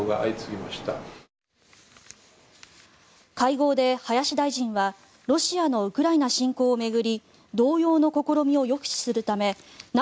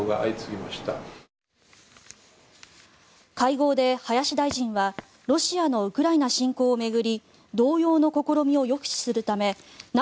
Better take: first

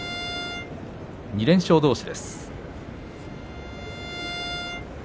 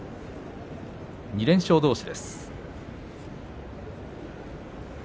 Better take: second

